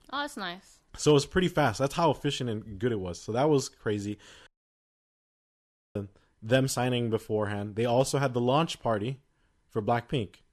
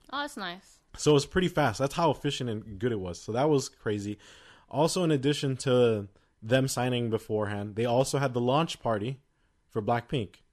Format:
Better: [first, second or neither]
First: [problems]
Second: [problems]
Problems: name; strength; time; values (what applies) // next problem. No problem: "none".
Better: second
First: audio cutting out; at 4.5 s for 1.5 s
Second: none